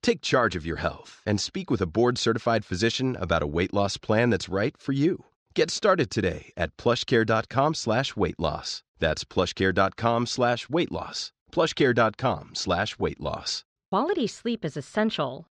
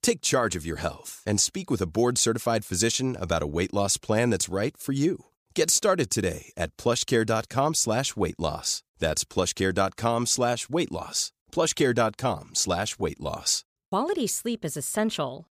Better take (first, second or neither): second